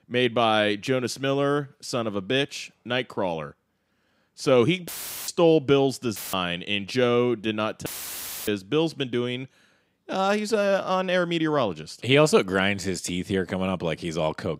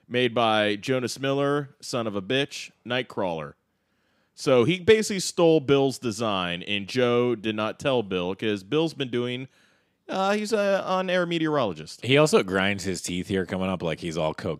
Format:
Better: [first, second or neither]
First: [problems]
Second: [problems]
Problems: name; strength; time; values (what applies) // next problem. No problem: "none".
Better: second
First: audio cutting out; filled with static; at 5 s, at 6 s and at 8 s for 0.5 s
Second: none